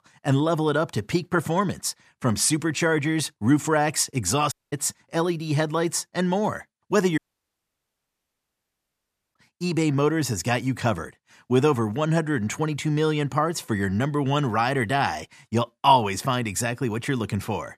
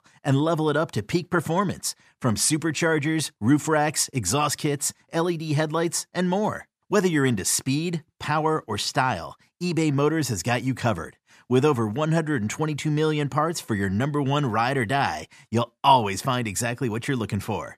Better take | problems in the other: second | audio cutting out; at 4.5 s and at 7 s for 2 s

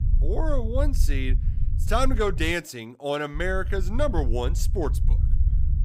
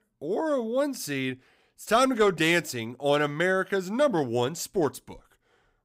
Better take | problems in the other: second | low rumble; noticeable; until 2.5 s and from 3.5 s on; 15 dB below the speech

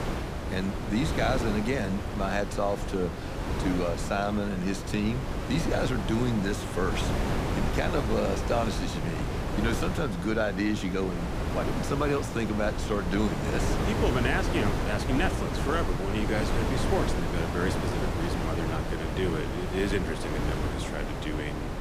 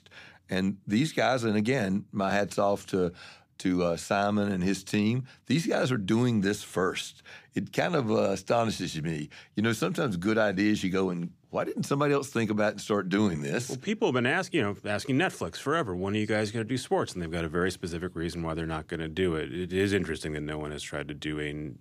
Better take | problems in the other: second | wind noise on the microphone; heavy; 2 dB below the speech

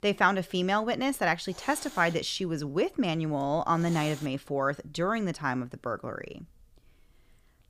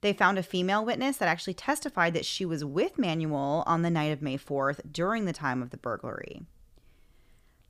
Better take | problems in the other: second | hiss; very faint; until 4.5 s; 15 dB below the speech

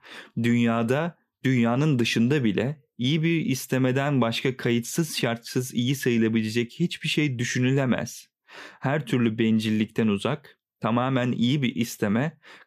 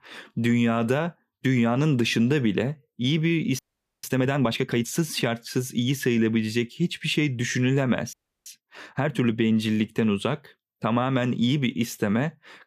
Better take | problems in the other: first | audio freezing; at 3.5 s and at 8 s

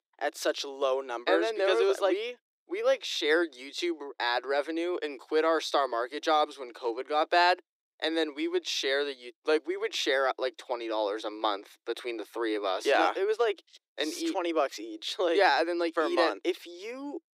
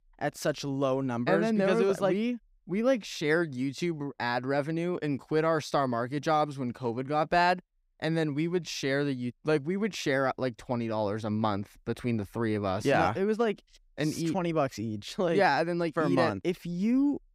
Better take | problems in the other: second | thin; very; fading below 300 Hz

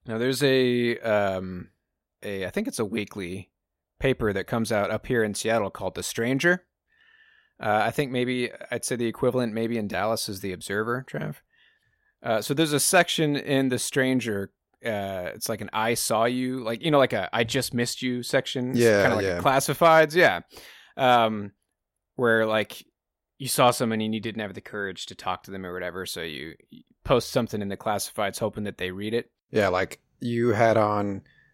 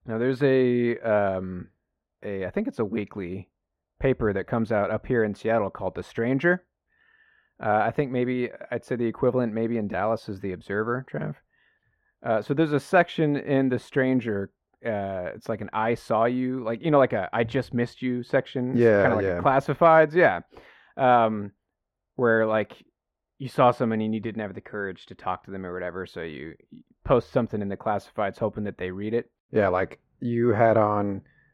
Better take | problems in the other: first | muffled; very; fading above 3.5 kHz

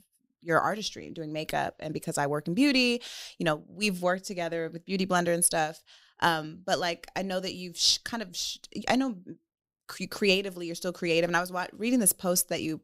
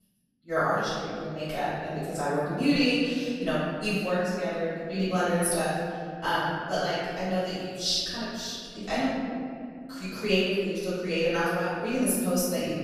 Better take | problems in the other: first | room echo; strong; dies away in 2.2 s // off-mic speech; far

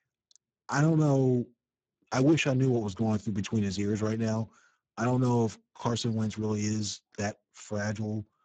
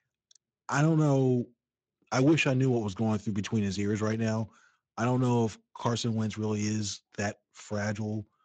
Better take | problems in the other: second | garbled, watery; badly; nothing above 7.5 kHz; slightly in the second

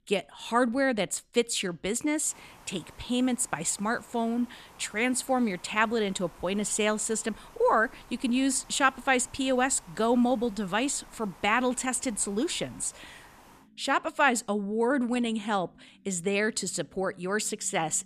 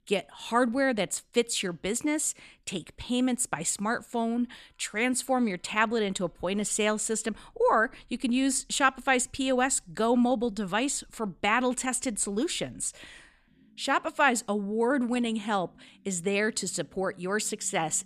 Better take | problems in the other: second | hiss; faint; from 2.5 to 14 s; 25 dB below the speech

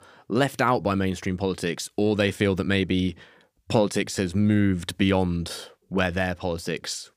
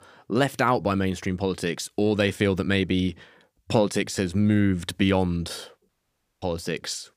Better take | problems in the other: first | audio cutting out; at 6 s for 0.5 s

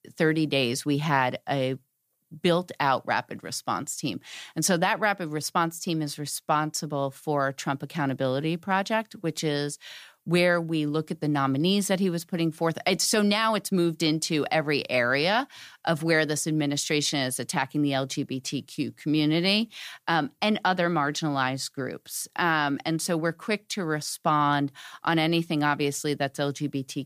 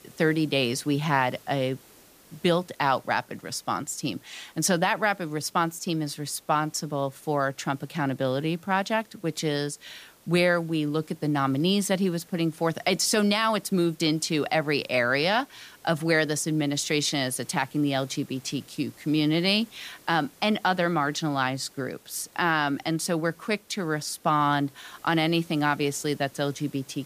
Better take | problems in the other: first | hiss; faint; throughout; 25 dB below the speech

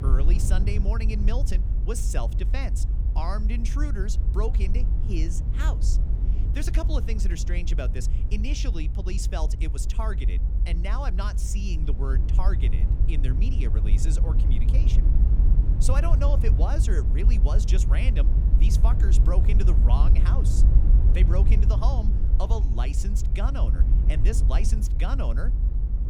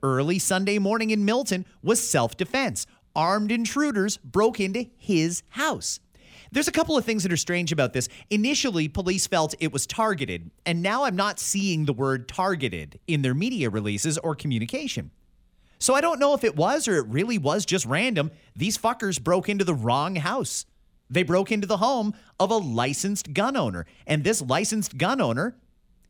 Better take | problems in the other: second | low rumble; loud; throughout; 6 dB below the speech

